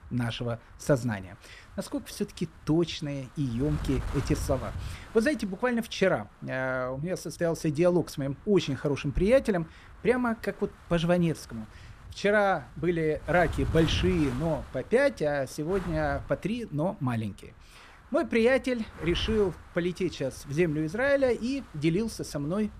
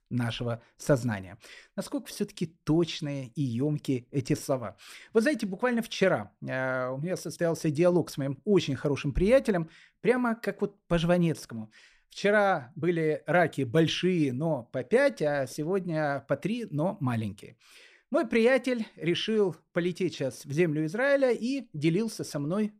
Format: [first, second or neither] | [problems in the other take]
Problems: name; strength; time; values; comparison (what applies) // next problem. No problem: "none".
second | wind noise on the microphone; occasional gusts; 20 dB below the speech